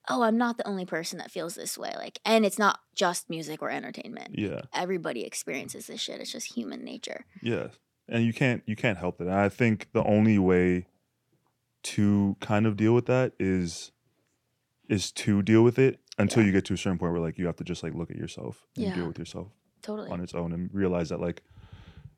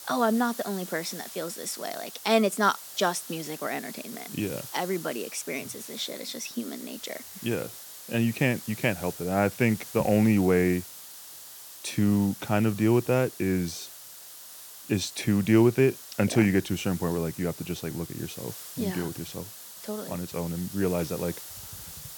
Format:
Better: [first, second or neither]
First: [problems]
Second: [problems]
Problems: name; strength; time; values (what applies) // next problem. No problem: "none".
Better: first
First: none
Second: hiss; noticeable; throughout; 15 dB below the speech